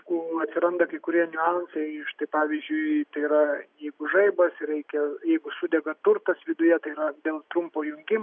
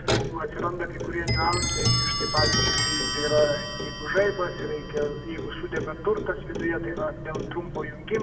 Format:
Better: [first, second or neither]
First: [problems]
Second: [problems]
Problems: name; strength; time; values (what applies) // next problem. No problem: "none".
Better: first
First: none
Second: background sound (Clock); as loud as the speech // room echo; dies away in 1.1 s